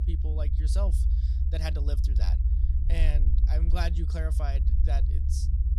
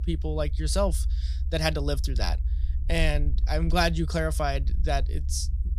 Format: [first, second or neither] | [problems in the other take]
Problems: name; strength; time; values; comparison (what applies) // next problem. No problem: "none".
second | low rumble; loud; throughout; 6 dB below the speech; faint in the second